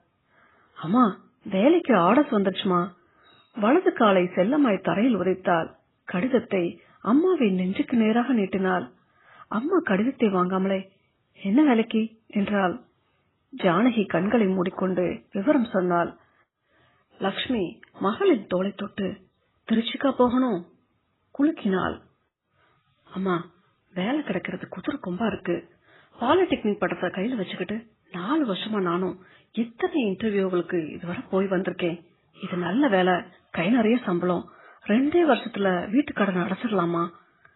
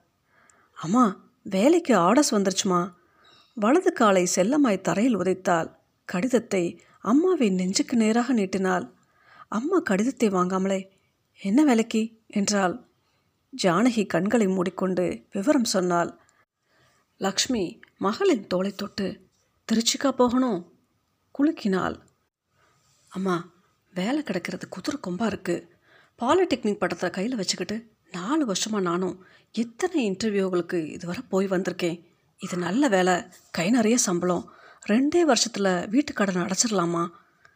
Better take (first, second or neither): second